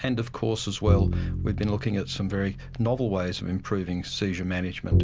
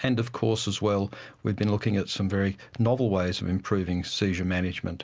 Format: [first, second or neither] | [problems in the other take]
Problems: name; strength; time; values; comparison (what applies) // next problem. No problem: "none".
second | background sound (Bowed string instrument); 1 dB below the speech